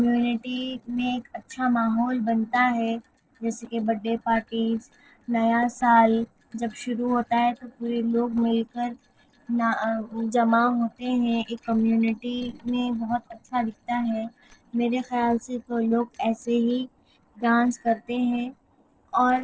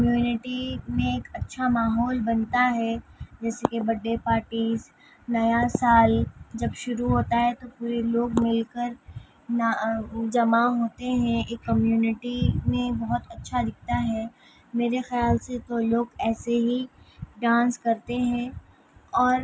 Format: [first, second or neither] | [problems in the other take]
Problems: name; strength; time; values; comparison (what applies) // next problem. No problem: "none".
second | noise reduction (neural separator model SepFormer DNS4)